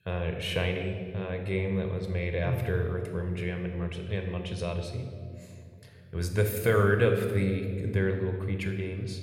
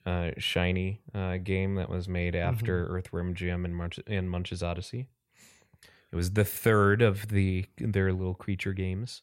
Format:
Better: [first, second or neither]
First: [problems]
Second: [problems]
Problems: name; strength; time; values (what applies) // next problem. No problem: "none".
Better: second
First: room echo; slight; dies away in 1.6 s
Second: none